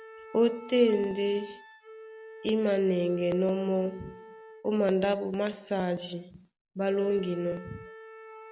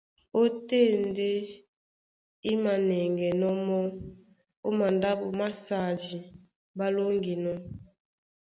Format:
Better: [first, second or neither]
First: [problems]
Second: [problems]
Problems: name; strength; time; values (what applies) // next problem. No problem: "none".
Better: second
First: background sound (Wind instrument, woodwind instrument); 19 dB below the speech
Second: none